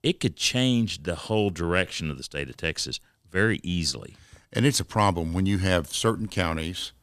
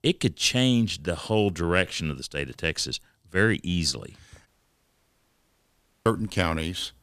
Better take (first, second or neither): first